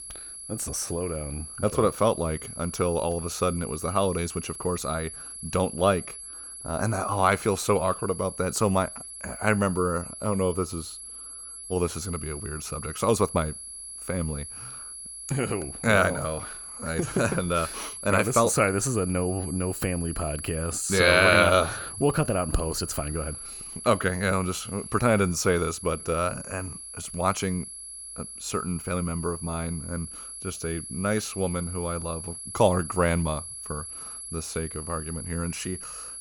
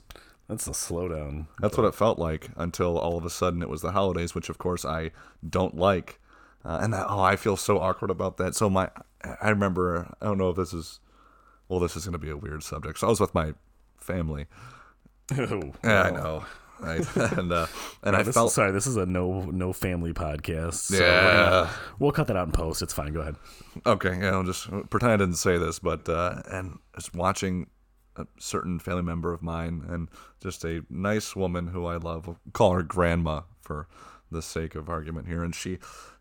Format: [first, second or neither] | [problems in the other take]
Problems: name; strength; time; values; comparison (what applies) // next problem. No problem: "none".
second | high-pitched whine; loud; throughout; 11 kHz, 10 dB below the speech